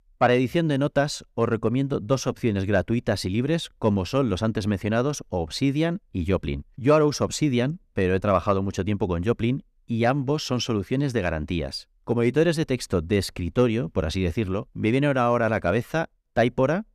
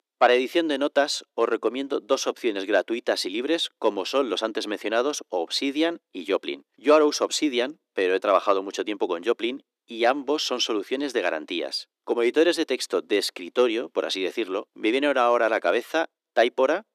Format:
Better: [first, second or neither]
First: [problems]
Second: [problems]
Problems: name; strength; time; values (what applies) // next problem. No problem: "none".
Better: first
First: none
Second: thin; somewhat; fading below 300 Hz